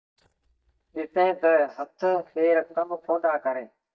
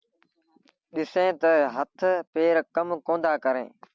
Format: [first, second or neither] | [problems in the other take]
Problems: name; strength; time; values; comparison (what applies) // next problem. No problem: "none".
second | noise reduction (neural mask model DeepFilterNet 3)